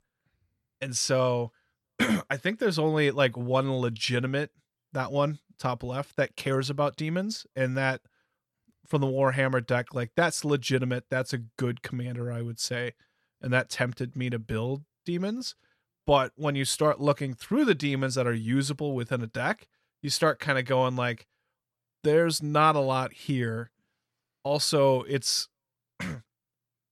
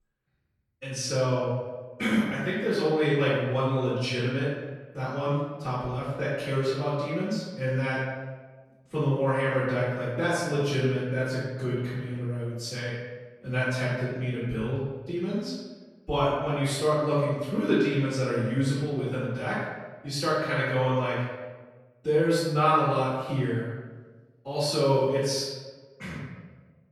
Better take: first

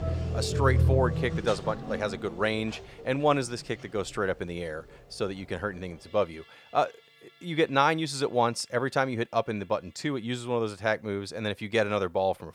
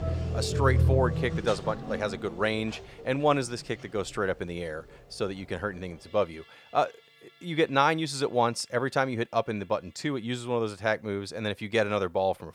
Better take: neither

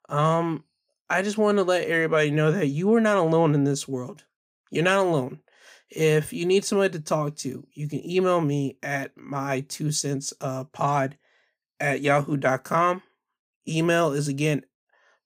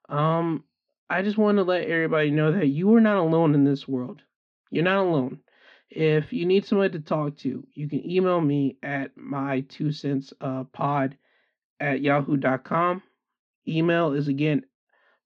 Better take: first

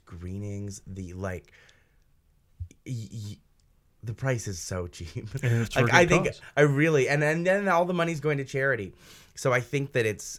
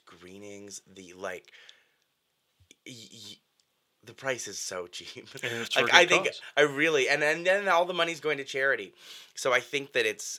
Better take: first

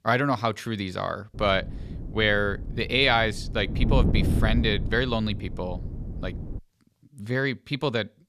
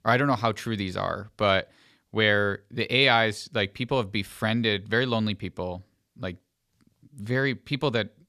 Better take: second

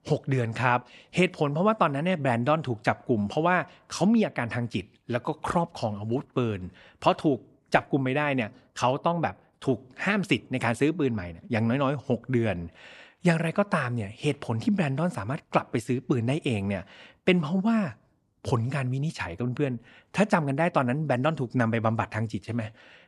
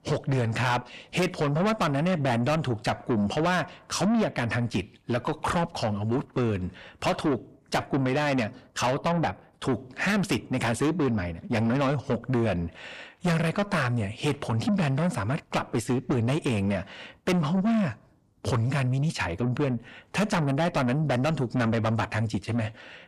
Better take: first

